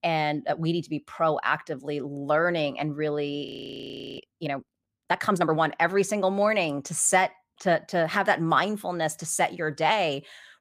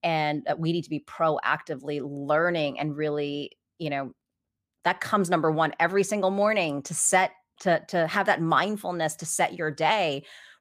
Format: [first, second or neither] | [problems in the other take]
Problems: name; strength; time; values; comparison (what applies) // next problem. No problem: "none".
second | audio freezing; at 3.5 s for 0.5 s